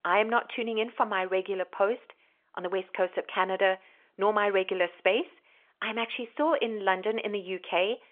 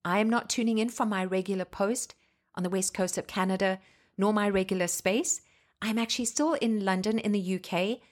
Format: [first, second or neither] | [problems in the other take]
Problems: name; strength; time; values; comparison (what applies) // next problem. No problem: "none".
second | phone-call audio; nothing above 3.5 kHz